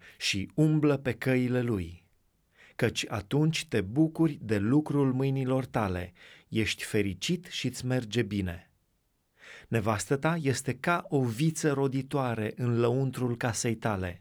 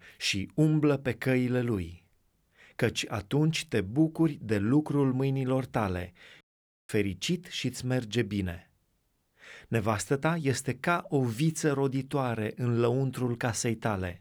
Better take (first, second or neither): first